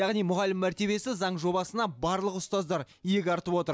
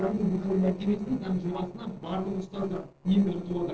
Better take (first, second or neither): first